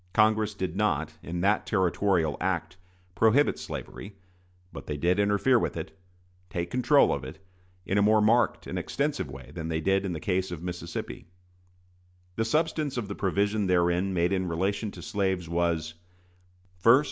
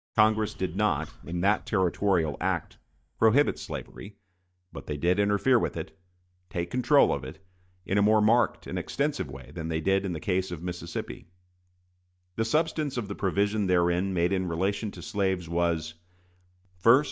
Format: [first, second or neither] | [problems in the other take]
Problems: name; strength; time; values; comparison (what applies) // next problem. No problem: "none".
first | noise reduction (neural mask model DeepFilterNet 3)